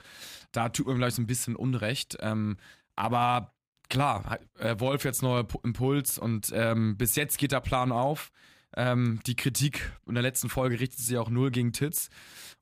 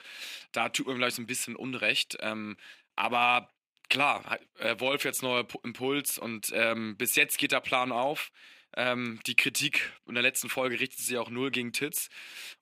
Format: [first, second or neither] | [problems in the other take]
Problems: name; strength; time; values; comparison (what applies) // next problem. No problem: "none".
first | thin; somewhat; fading below 350 Hz